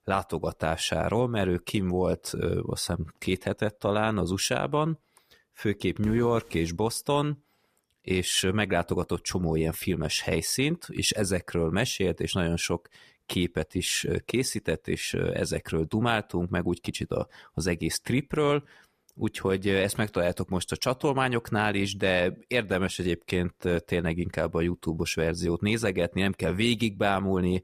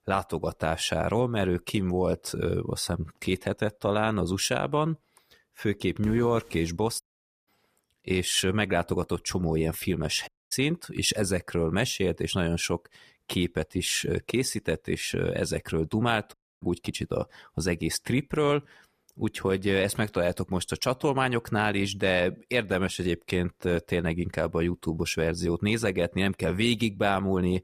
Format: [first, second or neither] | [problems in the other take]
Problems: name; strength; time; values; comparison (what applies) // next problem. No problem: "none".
first | audio cutting out; at 7 s, at 10 s and at 16 s